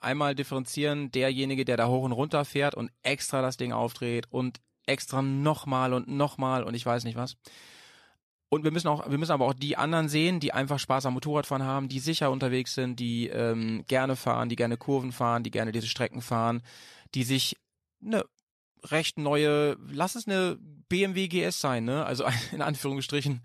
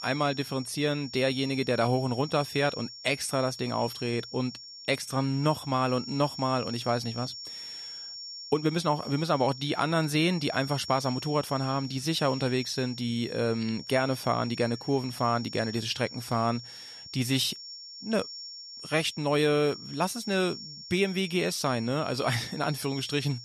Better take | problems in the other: first | high-pitched whine; noticeable; throughout; 5.5 kHz, 10 dB below the speech

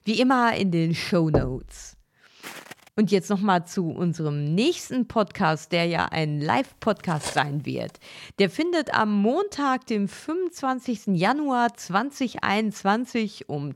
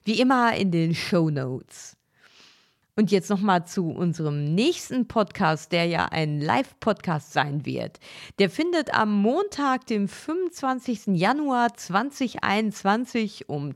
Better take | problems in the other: second | door banging; noticeable; at 1.5 s; peak 3 dB below the speech // footsteps; faint; at 2.5 s; peak 15 dB below the speech // clattering dishes; noticeable; at 7 s; peak 8 dB below the speech

